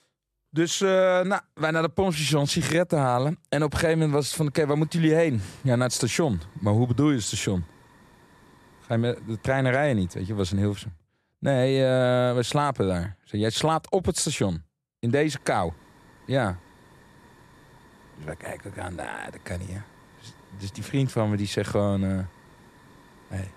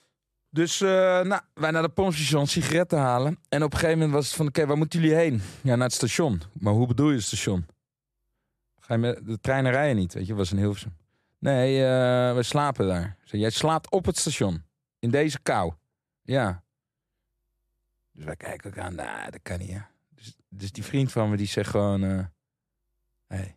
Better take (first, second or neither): second